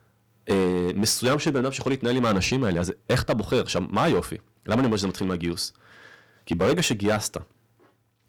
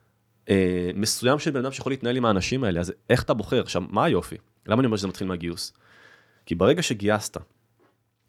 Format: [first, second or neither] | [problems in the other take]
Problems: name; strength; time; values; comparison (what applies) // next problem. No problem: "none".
second | distortion; heavy; 8% of the sound clipped